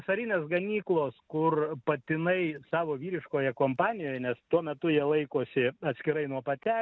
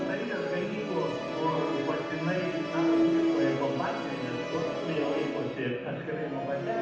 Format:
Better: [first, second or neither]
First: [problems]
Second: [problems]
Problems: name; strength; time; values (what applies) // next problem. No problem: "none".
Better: first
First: none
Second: background sound (Musical instrument); 2 dB above the speech // room echo; dies away in 1 s